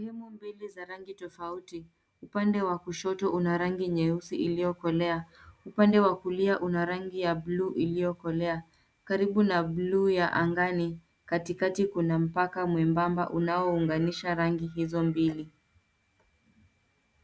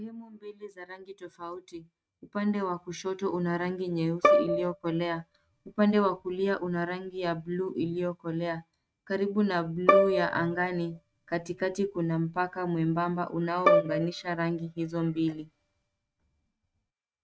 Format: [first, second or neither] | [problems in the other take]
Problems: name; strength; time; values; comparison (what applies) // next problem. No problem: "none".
first | noise reduction (neural mask model RNNoise)